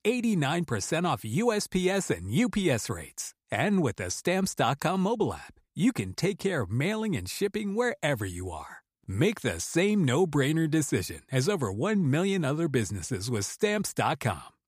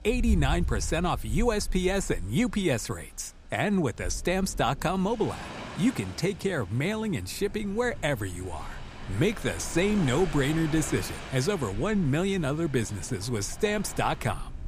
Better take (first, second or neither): first